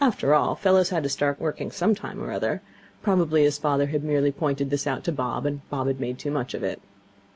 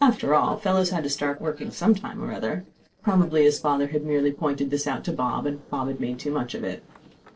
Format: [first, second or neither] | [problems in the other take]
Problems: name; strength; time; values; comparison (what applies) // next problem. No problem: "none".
first | noise reduction (neural separator model SepFormer DNS4)